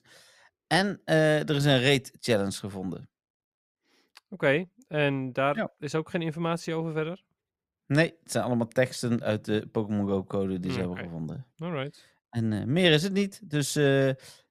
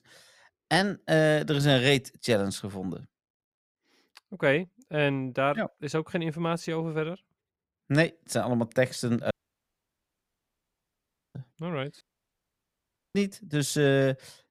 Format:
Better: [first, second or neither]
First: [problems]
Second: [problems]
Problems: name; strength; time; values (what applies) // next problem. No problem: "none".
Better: first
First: none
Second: audio cutting out; at 9.5 s for 2 s and at 12 s for 1 s